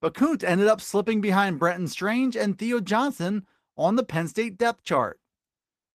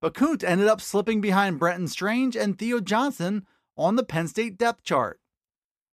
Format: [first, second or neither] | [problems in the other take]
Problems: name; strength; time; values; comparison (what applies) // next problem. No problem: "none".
second | garbled, watery; slightly; nothing above 14.5 kHz